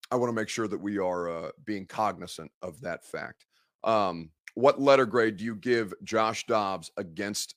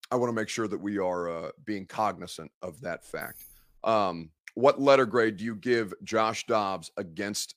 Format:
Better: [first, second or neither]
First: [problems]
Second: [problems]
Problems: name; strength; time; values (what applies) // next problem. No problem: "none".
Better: first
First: none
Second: jangling keys; faint; at 3 s; peak 15 dB below the speech